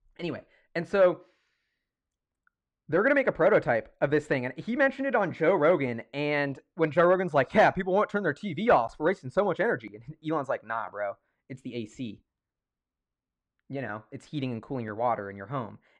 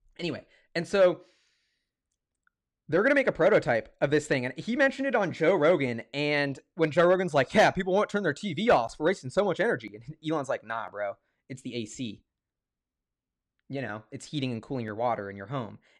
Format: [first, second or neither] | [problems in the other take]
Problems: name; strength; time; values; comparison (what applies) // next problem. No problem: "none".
second | muffled; slightly; fading above 3.5 kHz